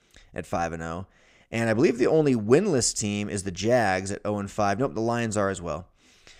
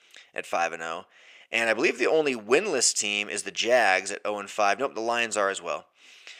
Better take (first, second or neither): first